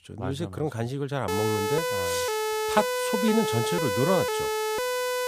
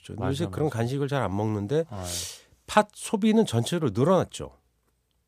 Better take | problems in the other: second | siren; loud; from 1.5 s on; peak 2 dB above the speech

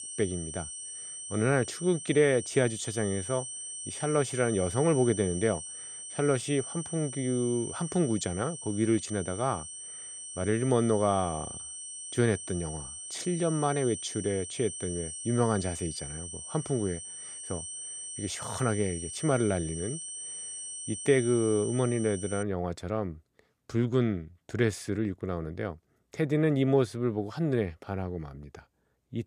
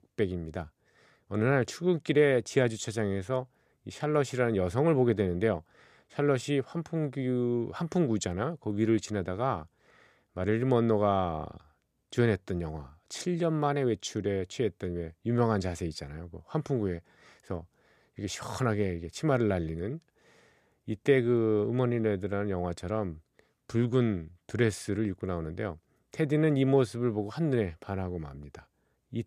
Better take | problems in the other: second | high-pitched whine; loud; until 22 s; 8.5 kHz, 8 dB below the speech

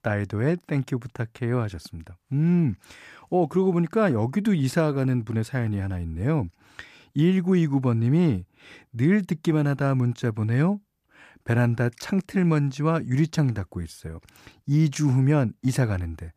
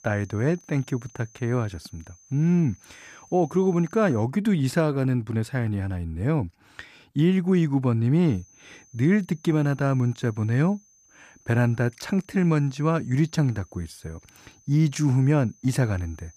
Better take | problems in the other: first | high-pitched whine; faint; until 4 s and from 8.5 s on; 6 kHz, 30 dB below the speech

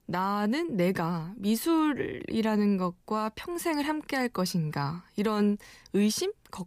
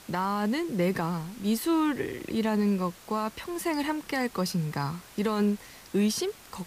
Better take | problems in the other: first | hiss; noticeable; throughout; 20 dB below the speech

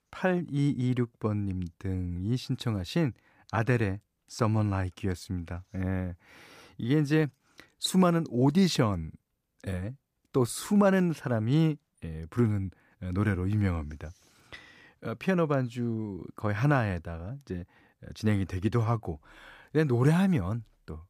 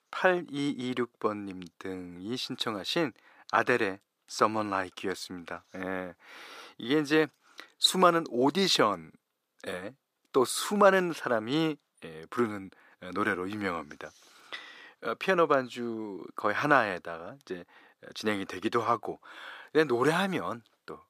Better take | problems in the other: first | thin; somewhat; fading below 400 Hz

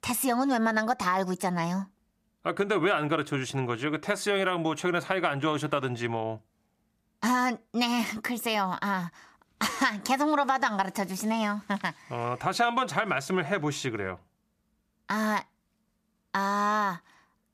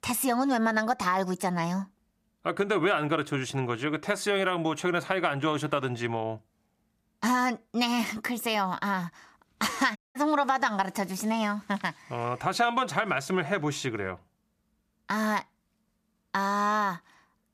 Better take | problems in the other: first | audio cutting out; at 10 s

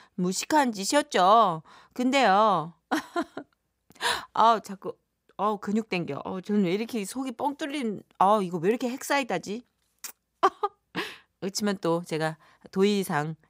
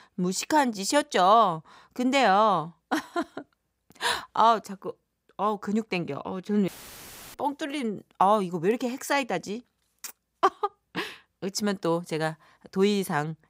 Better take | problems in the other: first | audio cutting out; filled with static; at 6.5 s for 0.5 s

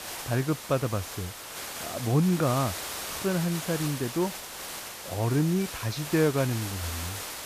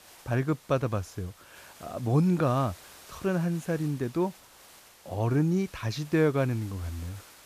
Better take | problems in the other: second | hiss; loud; throughout; 7 dB below the speech; faint in the second

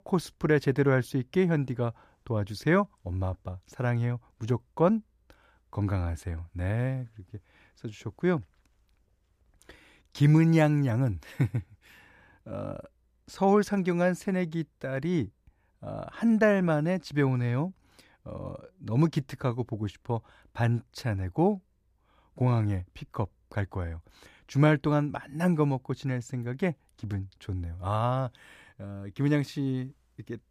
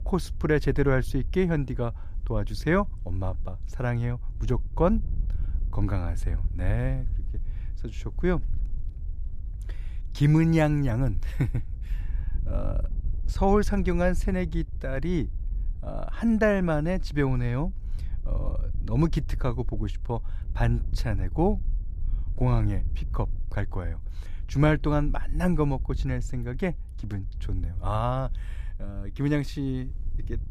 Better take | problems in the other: first | wind noise on the microphone; occasional gusts; 25 dB below the speech

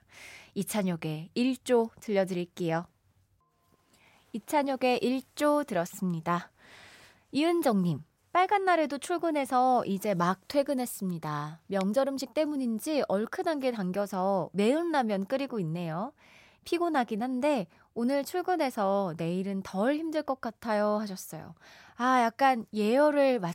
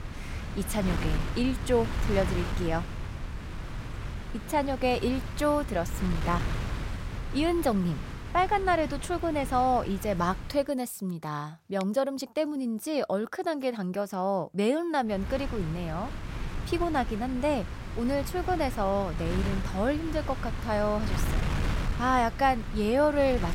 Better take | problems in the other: first | wind noise on the microphone; occasional gusts; until 11 s and from 15 s on; 10 dB below the speech

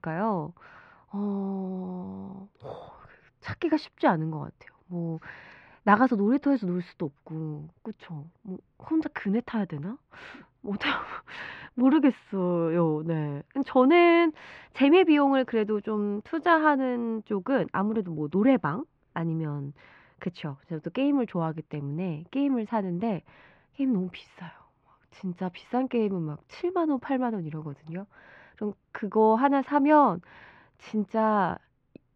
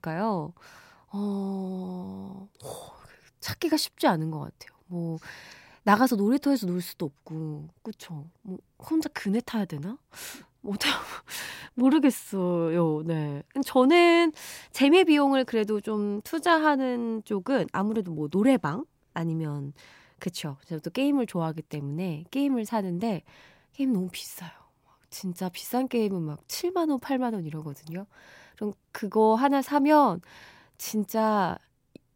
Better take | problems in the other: second | muffled; very; fading above 2.5 kHz

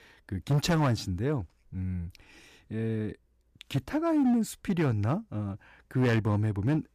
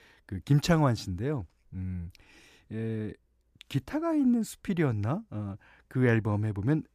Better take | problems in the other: second | distortion; slight; 6% of the sound clipped

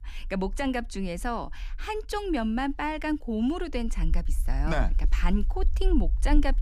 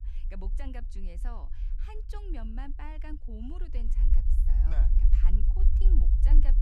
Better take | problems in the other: first | low rumble; loud; throughout; 2 dB below the speech; faint in the first

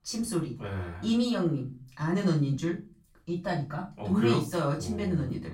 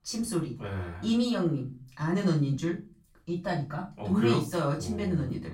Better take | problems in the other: neither | off-mic speech; far; the same in both // room echo; slight; dies away in 0.3 s; the same in both

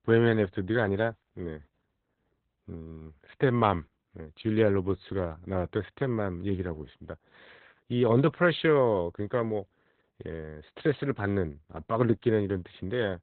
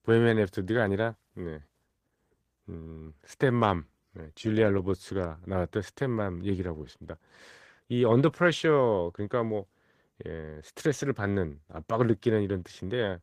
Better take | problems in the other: second | garbled, watery; badly; nothing above 4 kHz; slightly in the second

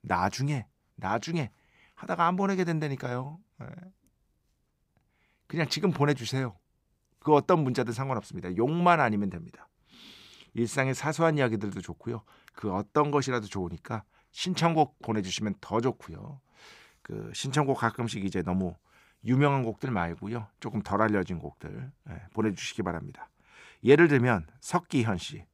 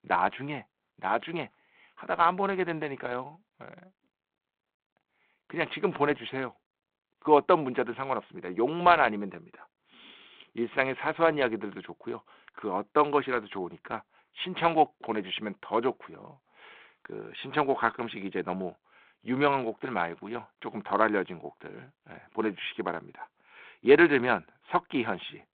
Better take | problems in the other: first | phone-call audio; nothing above 3.5 kHz

